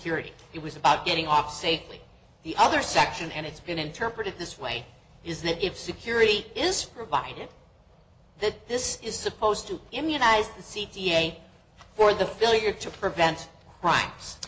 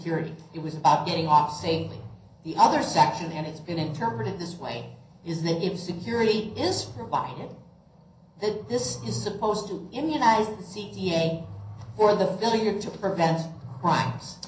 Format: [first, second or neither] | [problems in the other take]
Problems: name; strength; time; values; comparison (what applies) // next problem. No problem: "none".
first | background sound (Growling); 17 dB below the speech // room echo; dies away in 0.6 s